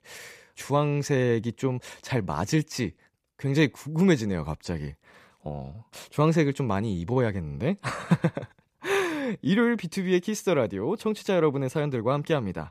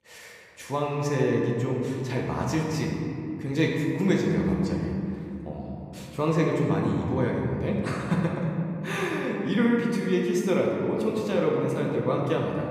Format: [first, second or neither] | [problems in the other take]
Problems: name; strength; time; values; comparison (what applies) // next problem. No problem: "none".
first | room echo; noticeable; dies away in 2.6 s // off-mic speech; somewhat distant